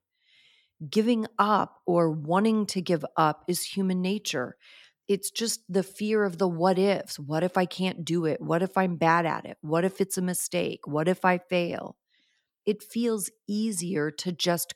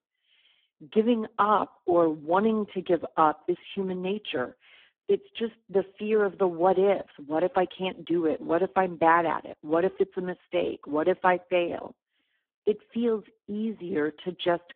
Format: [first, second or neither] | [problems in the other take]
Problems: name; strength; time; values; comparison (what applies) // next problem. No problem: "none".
first | phone-call audio; poor line